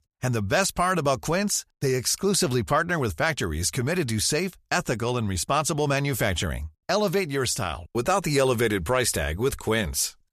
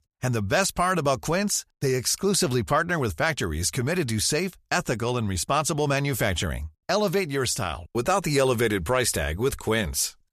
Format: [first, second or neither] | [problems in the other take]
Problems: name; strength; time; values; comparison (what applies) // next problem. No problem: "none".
neither | none